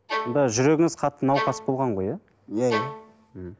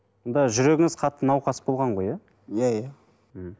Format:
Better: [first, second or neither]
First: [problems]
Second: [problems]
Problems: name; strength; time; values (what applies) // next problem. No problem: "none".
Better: second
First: background sound (Bowed string instrument); 8 dB below the speech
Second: none